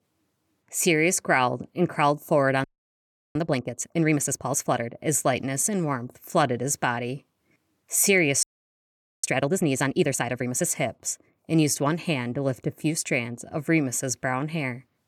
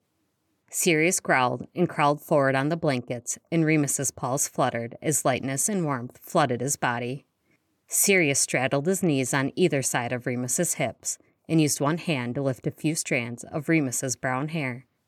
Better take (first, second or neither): second